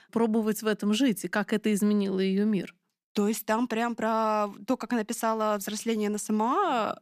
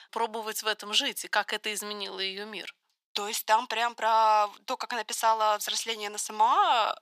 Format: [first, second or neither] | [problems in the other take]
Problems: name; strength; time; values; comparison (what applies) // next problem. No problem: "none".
first | thin; very; fading below 850 Hz